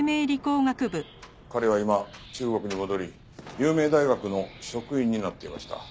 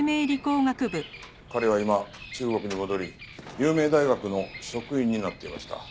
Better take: first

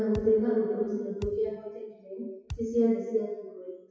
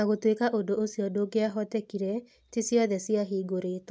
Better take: second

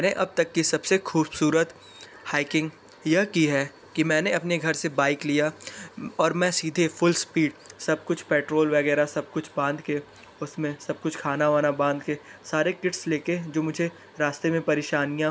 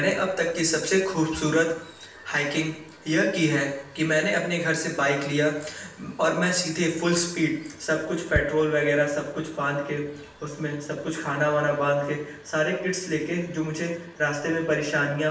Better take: first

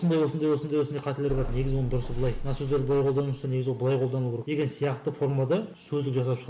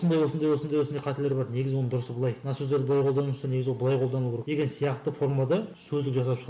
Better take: second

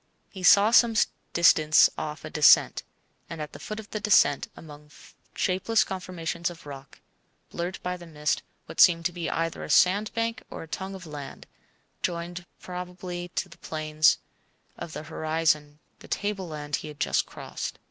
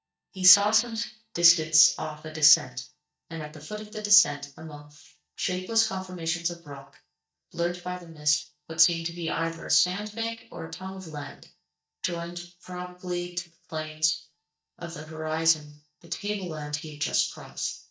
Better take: first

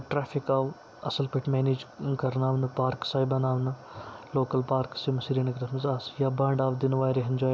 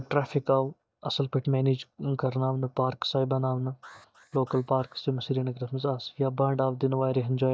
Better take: first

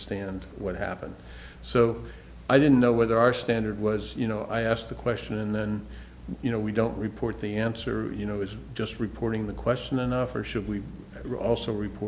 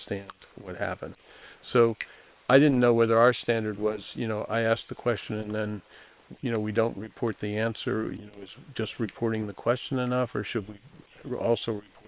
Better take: first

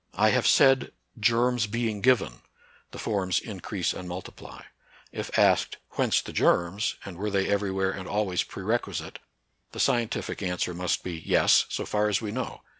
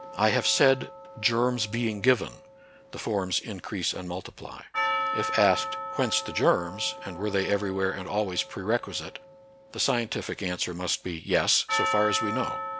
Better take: first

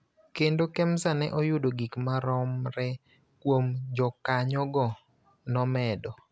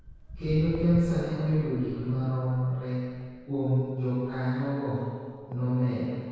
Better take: first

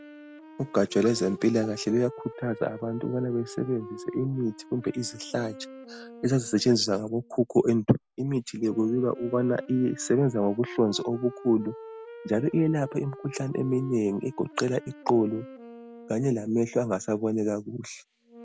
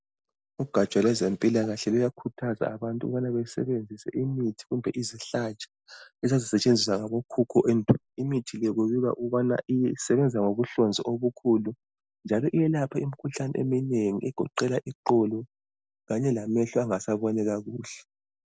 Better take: second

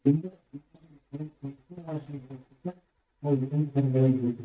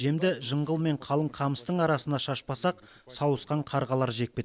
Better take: second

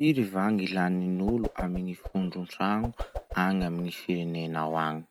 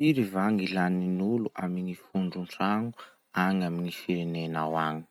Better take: second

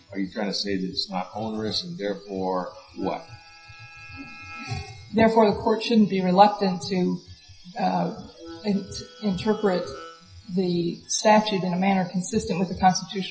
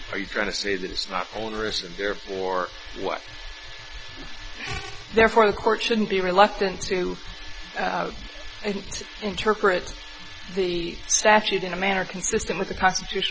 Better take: second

